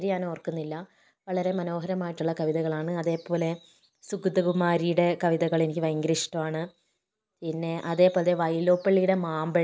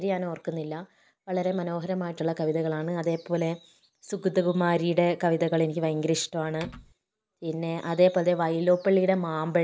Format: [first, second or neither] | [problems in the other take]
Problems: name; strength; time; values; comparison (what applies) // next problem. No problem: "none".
first | background sound (Typing); 17 dB below the speech